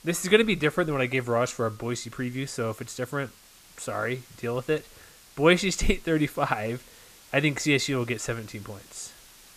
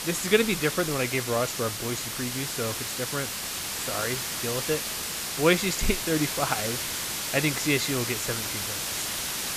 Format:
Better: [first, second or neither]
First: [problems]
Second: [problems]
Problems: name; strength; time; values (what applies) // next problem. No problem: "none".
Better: first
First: hiss; faint; throughout; 25 dB below the speech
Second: hiss; loud; throughout; 1 dB below the speech